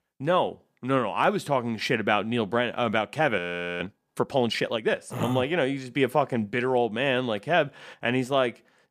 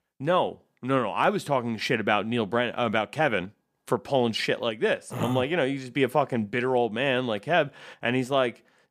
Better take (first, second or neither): second